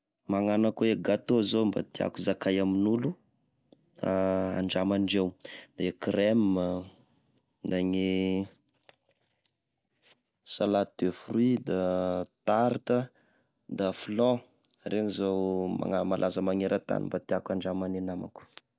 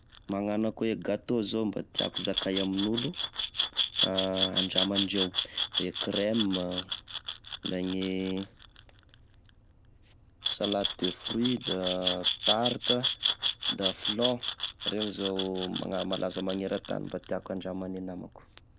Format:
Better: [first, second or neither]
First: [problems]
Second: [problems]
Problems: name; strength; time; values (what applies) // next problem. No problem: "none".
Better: first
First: none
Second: background sound (Glass); 2 dB below the speech